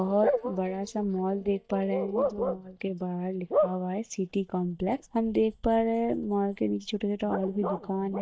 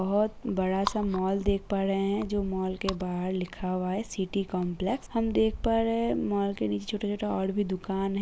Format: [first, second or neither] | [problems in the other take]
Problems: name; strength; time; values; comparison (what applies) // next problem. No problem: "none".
second | noise reduction (neural mask model DeepFilterNet 3)